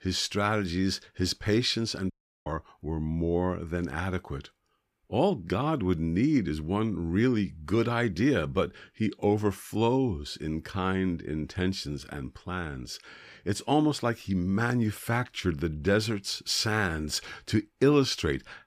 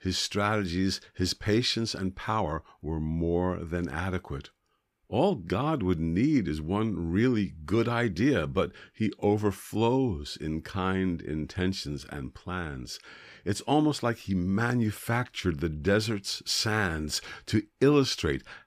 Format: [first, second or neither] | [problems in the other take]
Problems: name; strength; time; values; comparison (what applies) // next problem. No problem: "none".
second | audio cutting out; at 2 s